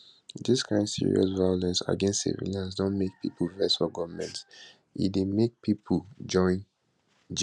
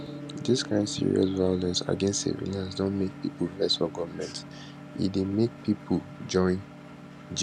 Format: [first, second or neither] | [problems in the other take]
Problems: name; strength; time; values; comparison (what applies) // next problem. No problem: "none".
first | background sound (Gong + Engine); 13 dB below the speech